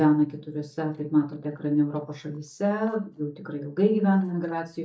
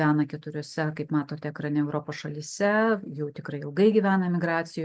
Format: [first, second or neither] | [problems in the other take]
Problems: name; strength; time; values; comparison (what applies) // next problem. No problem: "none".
second | noise reduction (neural mask model DeepFilterNet 3)